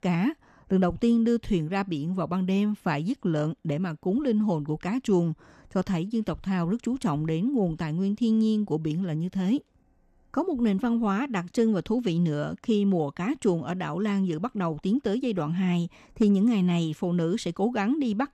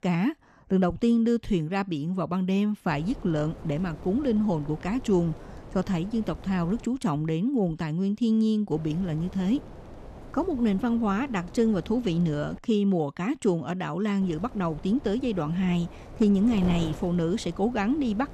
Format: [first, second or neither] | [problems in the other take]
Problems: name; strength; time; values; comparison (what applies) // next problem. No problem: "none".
first | wind noise on the microphone; occasional gusts; from 3 to 7 s, from 8.5 to 13 s and from 14 s on; 15 dB below the speech